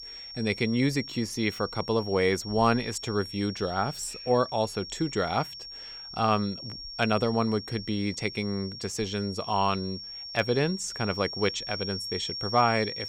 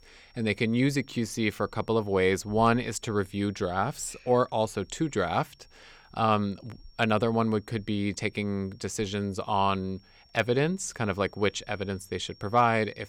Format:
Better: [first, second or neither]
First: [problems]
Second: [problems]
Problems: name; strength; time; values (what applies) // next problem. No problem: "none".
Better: second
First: high-pitched whine; loud; throughout; 5.5 kHz, 9 dB below the speech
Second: high-pitched whine; faint; throughout; 5.5 kHz, 30 dB below the speech